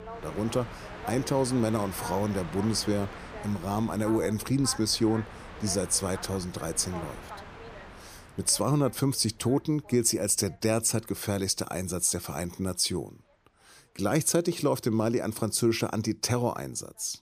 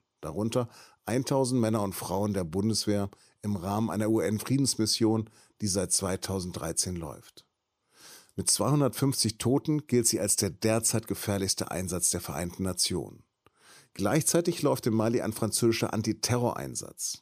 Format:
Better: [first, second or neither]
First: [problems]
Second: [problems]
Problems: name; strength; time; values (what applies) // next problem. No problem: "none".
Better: second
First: train or aircraft noise; noticeable; throughout; 15 dB below the speech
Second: none